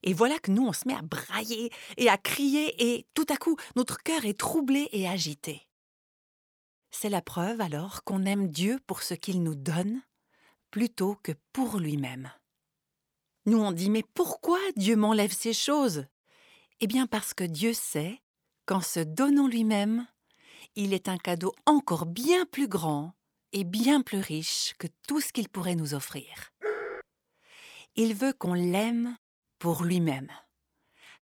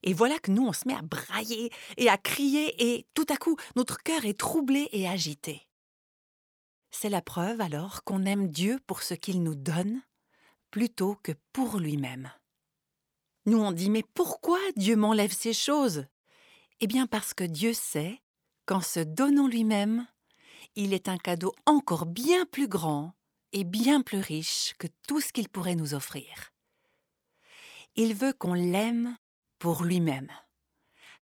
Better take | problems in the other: second | dog barking; noticeable; at 27 s; peak 5 dB below the speech

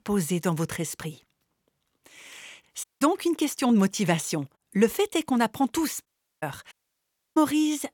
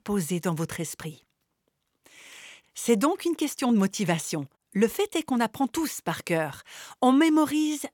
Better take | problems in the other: second | audio cutting out; at 3 s, at 6 s and at 6.5 s for 0.5 s

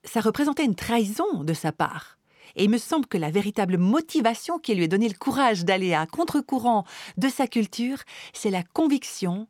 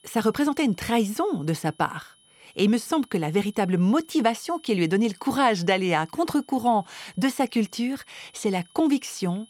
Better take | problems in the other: first | high-pitched whine; faint; throughout; 3 kHz, 30 dB below the speech

